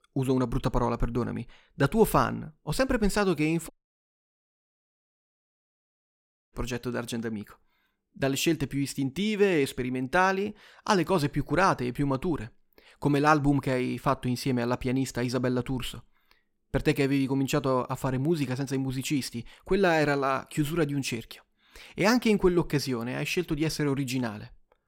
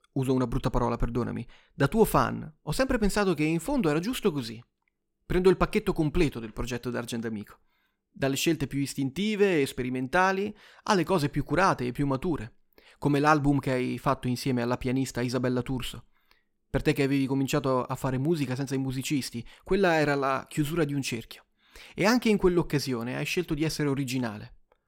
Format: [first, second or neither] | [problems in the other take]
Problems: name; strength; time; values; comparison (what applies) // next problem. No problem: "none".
second | audio cutting out; at 3.5 s for 3 s